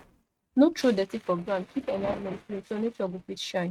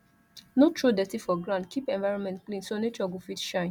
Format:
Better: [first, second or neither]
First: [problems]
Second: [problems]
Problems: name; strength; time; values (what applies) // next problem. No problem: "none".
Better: second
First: noise reduction (neural mask model RNNoise)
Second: none